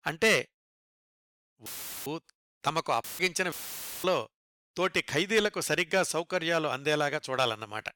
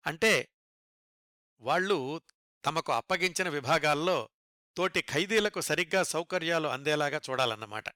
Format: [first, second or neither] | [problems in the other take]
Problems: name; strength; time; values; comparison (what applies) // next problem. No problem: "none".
second | audio cutting out; filled with static; at 1.5 s, at 3 s and at 3.5 s for 0.5 s